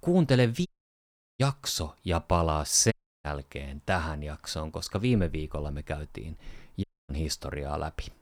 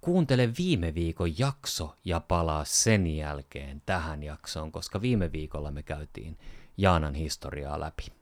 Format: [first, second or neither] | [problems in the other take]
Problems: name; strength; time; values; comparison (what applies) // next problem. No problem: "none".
second | audio cutting out; at 0.5 s for 0.5 s, at 3 s and at 7 s